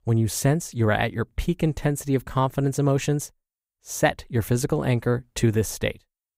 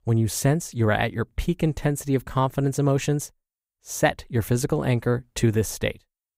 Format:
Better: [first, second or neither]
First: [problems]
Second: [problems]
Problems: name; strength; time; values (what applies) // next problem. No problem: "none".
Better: neither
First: none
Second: none